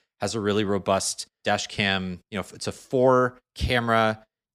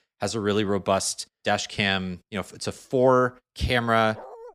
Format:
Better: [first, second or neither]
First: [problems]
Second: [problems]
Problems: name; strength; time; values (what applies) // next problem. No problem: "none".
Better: first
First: none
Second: dog barking; faint; at 4 s; peak 20 dB below the speech